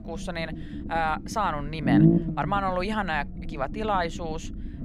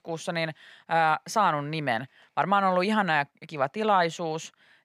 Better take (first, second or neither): second